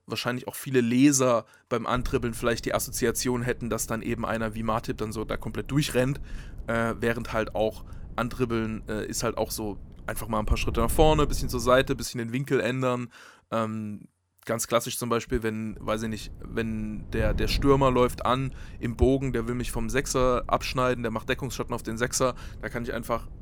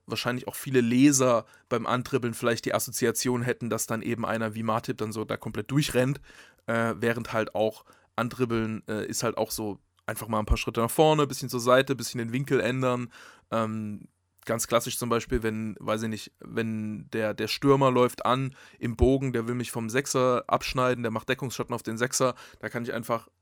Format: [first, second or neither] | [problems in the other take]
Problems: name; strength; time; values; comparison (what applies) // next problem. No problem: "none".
second | wind noise on the microphone; occasional gusts; from 2 to 12 s and from 16 s on; 25 dB below the speech